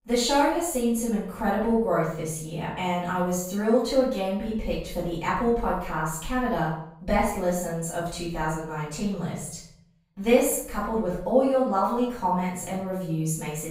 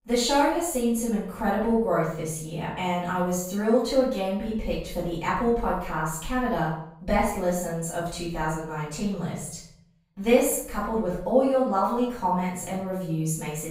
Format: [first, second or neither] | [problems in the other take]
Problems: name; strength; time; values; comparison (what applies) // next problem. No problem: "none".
neither | off-mic speech; far; the same in both // room echo; noticeable; dies away in 0.6 s; the same in both